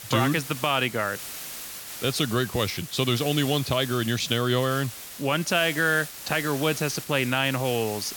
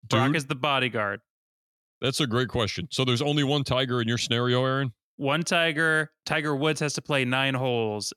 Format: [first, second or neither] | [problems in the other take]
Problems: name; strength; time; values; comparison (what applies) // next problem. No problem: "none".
second | hiss; noticeable; throughout; 10 dB below the speech